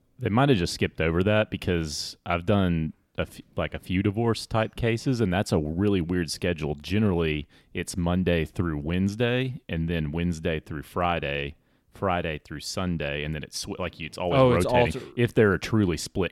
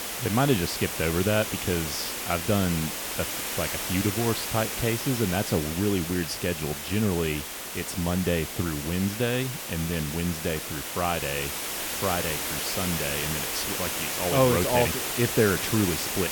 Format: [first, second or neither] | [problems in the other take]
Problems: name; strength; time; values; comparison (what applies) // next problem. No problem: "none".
first | hiss; loud; throughout; 2 dB below the speech